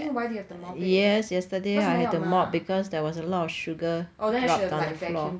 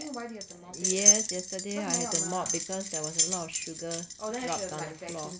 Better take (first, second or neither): first